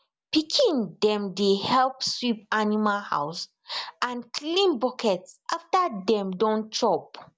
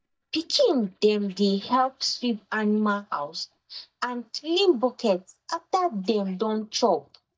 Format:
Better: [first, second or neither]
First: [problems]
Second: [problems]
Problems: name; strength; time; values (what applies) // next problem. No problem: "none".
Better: first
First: none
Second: noise reduction (neural mask model DeepFilterNet 3)